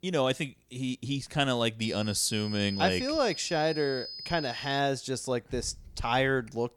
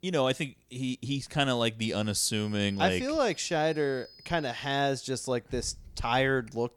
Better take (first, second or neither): second